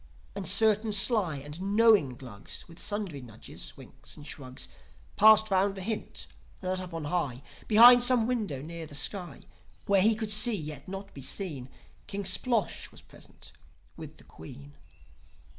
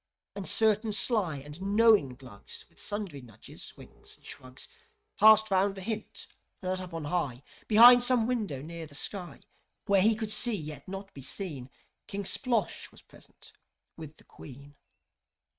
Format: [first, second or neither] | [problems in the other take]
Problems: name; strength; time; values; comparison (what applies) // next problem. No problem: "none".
first | noise reduction (neural mask model RNNoise)